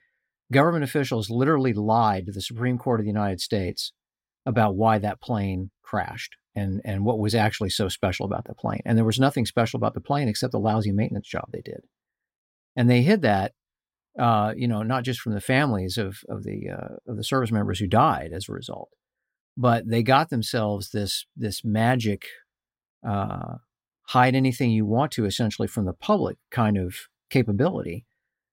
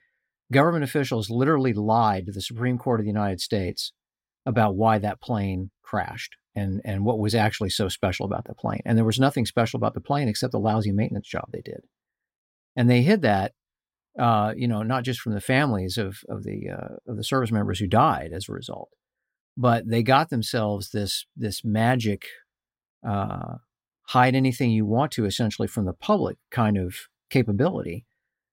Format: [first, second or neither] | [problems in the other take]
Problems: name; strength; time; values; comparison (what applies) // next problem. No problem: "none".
neither | none